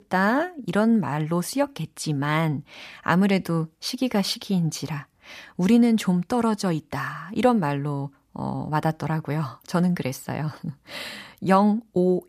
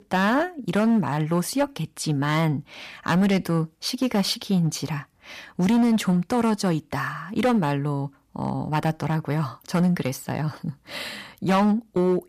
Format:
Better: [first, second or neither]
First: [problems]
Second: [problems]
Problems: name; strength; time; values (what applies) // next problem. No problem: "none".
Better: first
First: none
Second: distortion; slight; 7% of the sound clipped